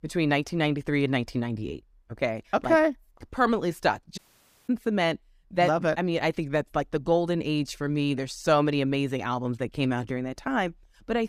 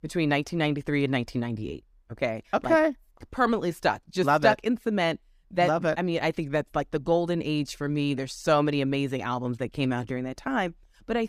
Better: second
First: audio cutting out; at 4 s for 0.5 s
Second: none

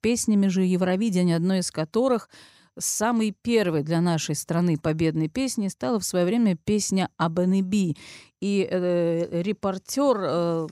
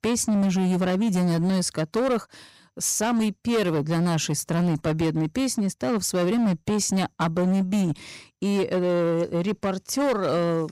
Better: first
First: none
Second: distortion; slight; 20% of the sound clipped

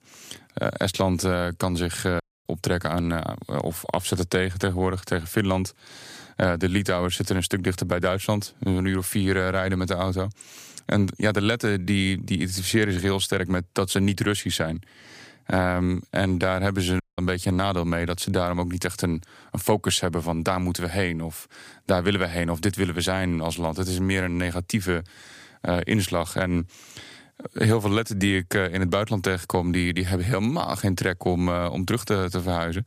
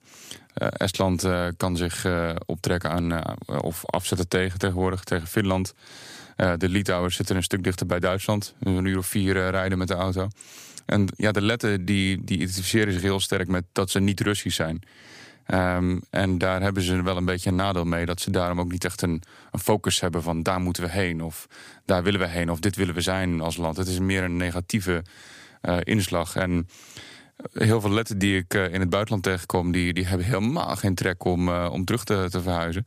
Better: second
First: audio cutting out; at 2 s and at 17 s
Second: none

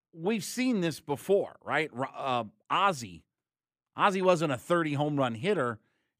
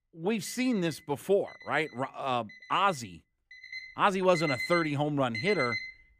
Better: first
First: none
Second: alarms or sirens; loud; throughout; 7 dB below the speech

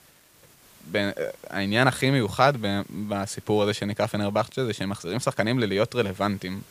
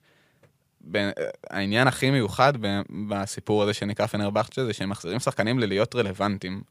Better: second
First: hiss; faint; throughout; 25 dB below the speech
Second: none

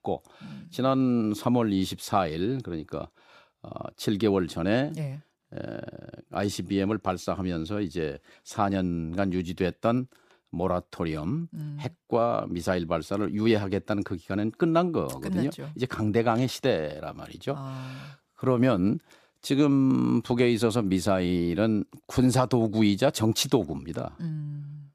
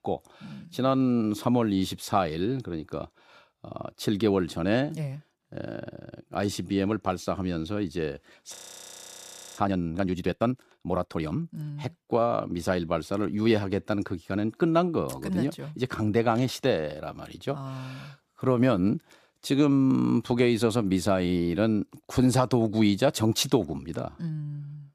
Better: first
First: none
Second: audio freezing; at 8.5 s for 1 s

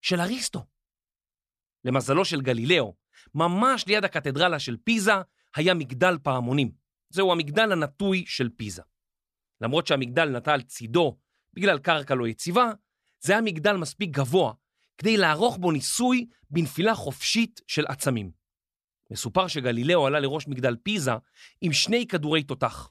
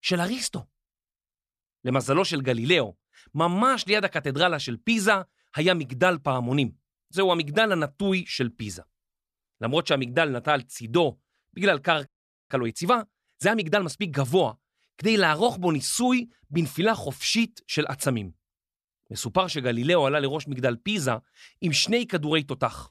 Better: first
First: none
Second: audio freezing; at 12 s

